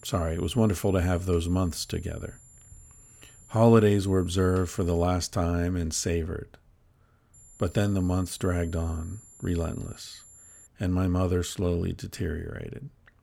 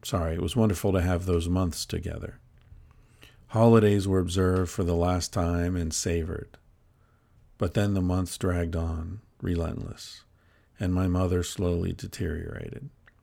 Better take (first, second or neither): second